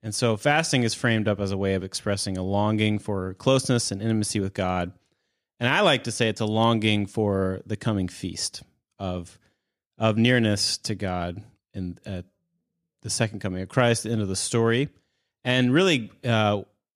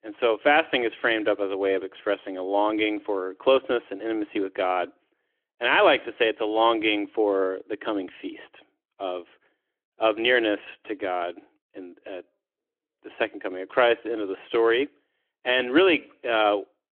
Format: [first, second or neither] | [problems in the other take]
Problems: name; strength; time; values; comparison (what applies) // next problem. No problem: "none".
first | phone-call audio; nothing above 3.5 kHz